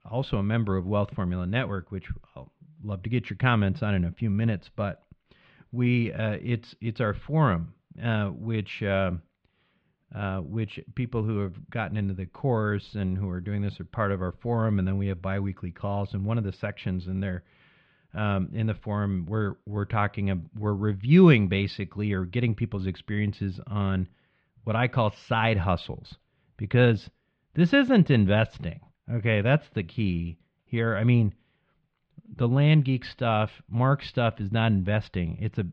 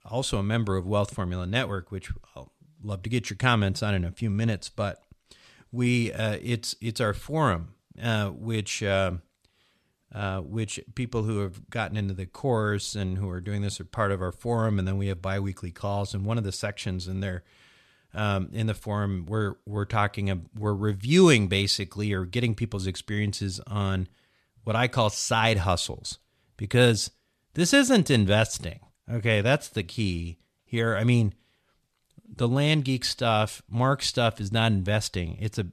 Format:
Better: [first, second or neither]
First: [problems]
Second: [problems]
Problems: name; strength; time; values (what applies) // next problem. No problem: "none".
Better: second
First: muffled; very; fading above 3 kHz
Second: none